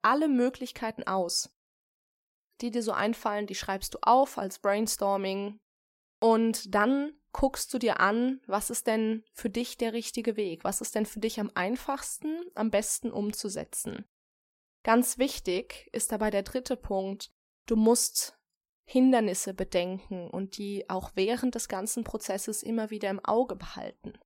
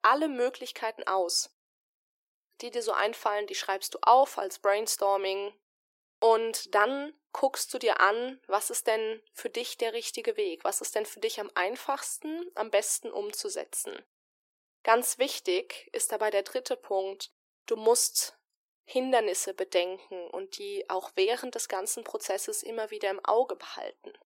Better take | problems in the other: first | thin; very; fading below 350 Hz

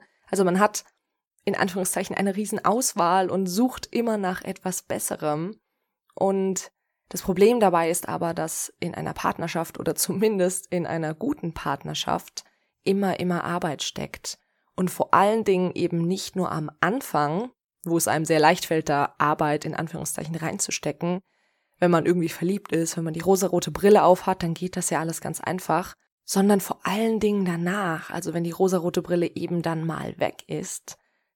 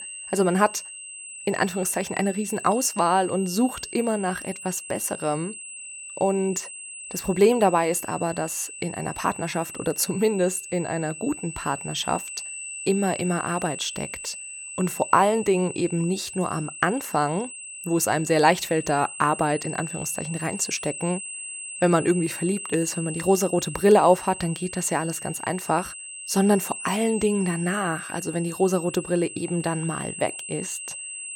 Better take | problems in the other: first | high-pitched whine; loud; throughout; 8 kHz, 10 dB below the speech

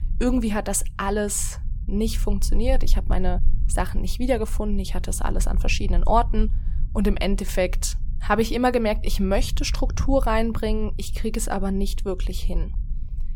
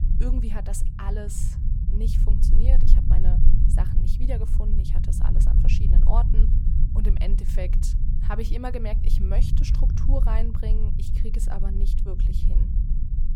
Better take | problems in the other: first | low rumble; loud; throughout; 4 dB below the speech; faint in the first

